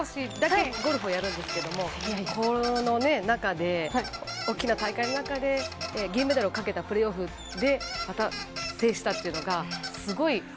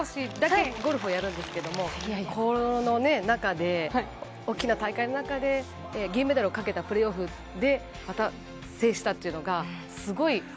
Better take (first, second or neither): second